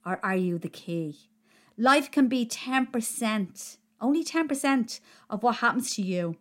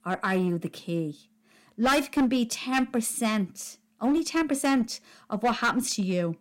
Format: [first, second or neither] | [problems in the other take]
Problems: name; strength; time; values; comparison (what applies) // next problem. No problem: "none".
first | distortion; slight; 7% of the sound clipped